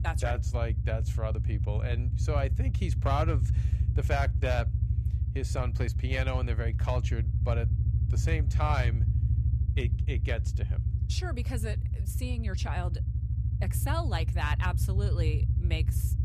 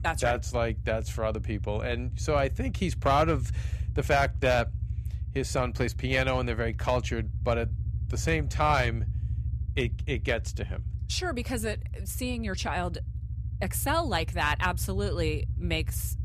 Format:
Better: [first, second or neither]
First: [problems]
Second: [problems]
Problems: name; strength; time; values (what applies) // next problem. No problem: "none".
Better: second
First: low rumble; loud; throughout; 9 dB below the speech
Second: low rumble; faint; throughout; 20 dB below the speech